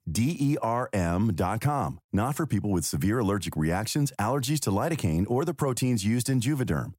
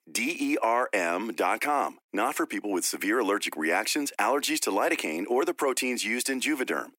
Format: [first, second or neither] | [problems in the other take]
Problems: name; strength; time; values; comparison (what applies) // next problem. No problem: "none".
first | thin; somewhat; fading below 300 Hz